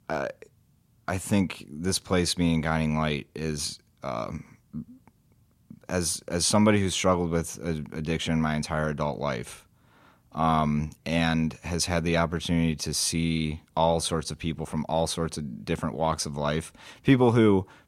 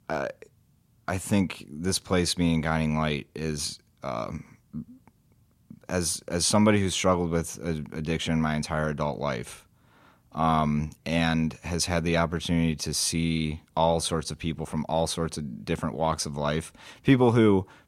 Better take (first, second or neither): neither